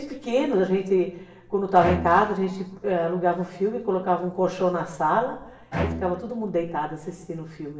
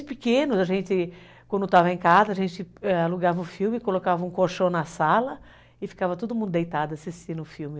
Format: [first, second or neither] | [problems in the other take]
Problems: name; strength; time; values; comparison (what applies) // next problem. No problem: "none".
second | background sound (Bowed string instrument); 9 dB below the speech // room echo; dies away in 0.8 s